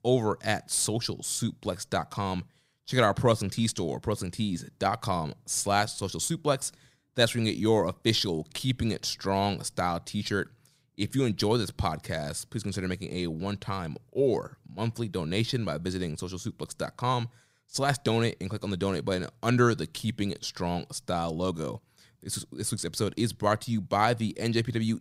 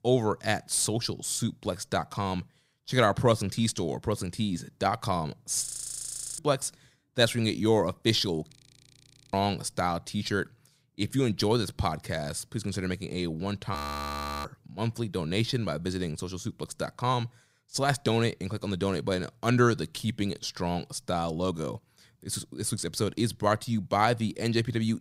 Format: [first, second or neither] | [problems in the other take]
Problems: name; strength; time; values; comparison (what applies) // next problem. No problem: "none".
first | audio freezing; at 5.5 s for 0.5 s, at 8.5 s for 1 s and at 14 s for 0.5 s